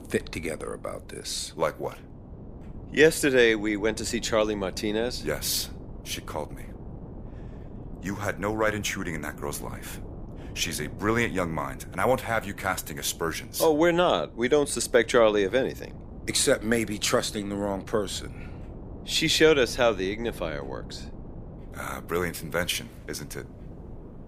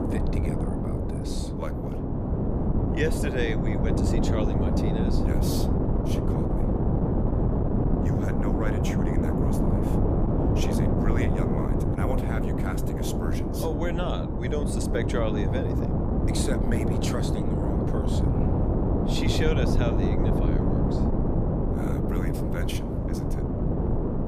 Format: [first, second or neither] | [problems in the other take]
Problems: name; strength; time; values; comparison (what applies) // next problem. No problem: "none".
first | wind noise on the microphone; heavy; 3 dB above the speech; occasional gusts in the first